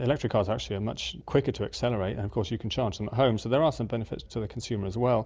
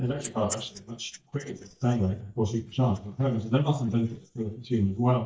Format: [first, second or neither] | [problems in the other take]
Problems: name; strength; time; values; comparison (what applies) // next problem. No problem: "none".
first | noise reduction (neural mask model DeepFilterNet 3)